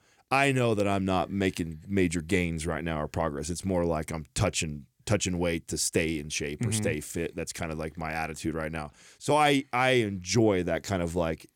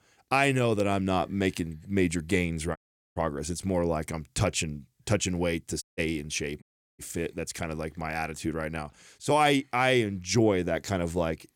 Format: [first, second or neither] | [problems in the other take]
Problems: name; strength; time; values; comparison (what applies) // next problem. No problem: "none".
first | audio cutting out; at 3 s, at 6 s and at 6.5 s